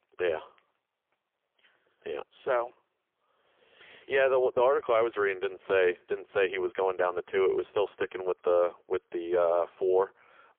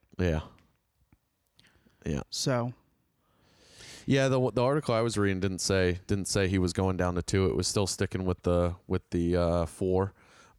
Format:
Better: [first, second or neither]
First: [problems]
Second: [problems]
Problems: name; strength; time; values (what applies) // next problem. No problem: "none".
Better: second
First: phone-call audio; poor line; nothing above 3.5 kHz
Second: none